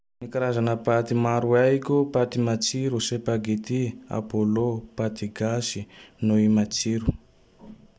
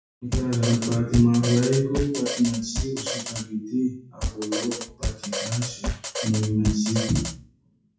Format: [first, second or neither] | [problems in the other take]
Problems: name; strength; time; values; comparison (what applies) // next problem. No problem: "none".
first | noise reduction (classical method WPE with log-MMSE)